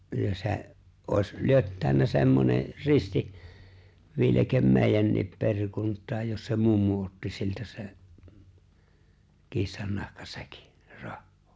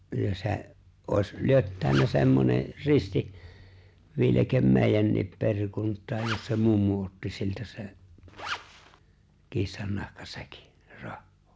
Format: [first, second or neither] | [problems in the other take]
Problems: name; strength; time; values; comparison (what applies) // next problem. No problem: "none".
first | background sound (Zipper (clothing)); 12 dB below the speech